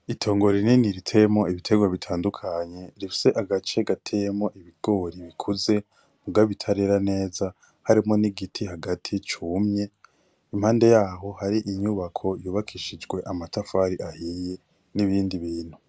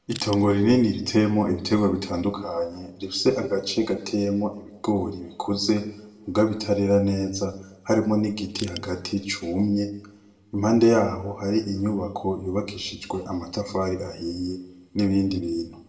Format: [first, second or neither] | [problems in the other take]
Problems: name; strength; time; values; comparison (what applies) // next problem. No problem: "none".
first | background sound (Crushing); 15 dB below the speech // room echo; dies away in 0.6 s